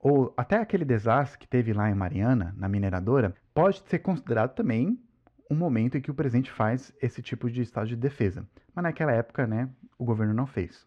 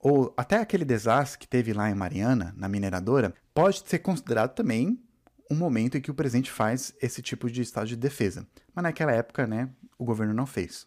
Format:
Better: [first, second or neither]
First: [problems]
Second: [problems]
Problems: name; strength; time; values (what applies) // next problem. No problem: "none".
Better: second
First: muffled; very; fading above 2.5 kHz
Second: none